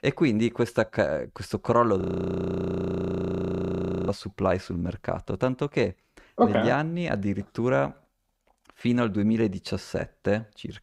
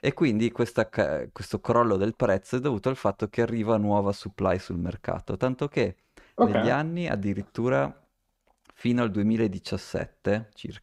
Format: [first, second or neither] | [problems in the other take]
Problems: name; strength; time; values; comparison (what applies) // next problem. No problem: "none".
second | audio freezing; at 2 s for 2 s